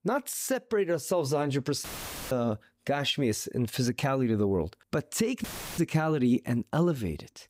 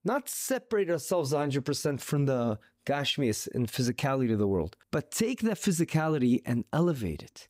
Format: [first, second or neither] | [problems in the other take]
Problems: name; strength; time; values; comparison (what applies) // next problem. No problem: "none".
second | audio cutting out; filled with static; at 2 s and at 5.5 s